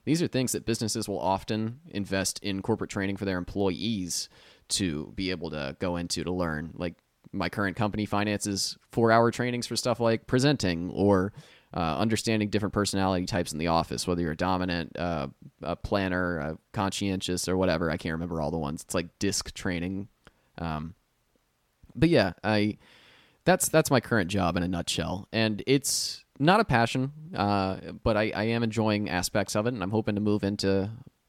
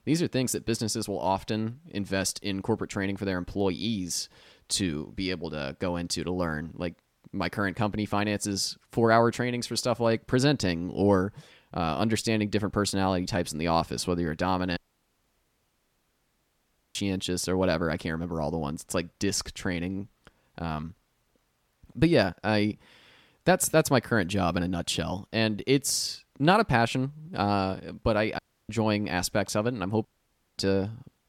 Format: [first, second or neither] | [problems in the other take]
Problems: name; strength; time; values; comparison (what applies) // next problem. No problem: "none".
first | audio cutting out; at 15 s for 2 s, at 28 s and at 30 s for 0.5 s